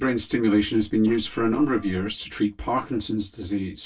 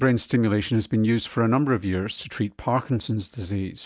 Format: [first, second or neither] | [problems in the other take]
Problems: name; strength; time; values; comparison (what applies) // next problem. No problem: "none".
second | noise reduction (neural separator model SepFormer DNS4)